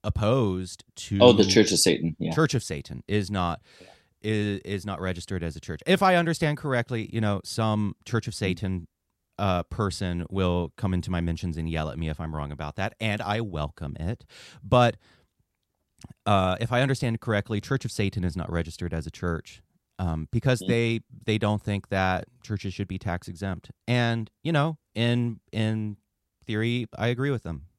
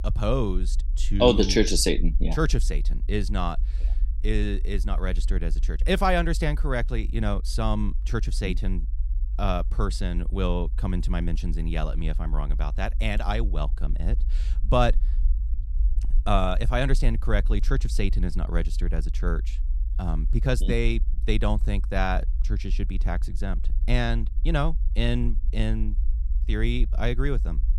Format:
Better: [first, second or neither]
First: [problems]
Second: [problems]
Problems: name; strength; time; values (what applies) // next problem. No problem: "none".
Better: first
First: none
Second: low rumble; faint; throughout; 25 dB below the speech